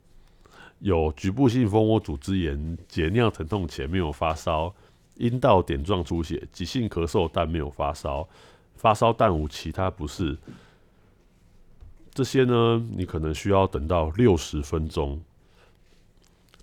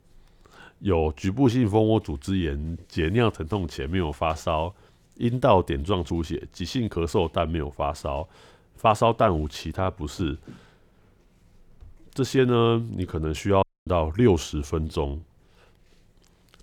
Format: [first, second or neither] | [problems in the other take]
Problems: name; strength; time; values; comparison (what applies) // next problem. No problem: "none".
first | audio cutting out; at 14 s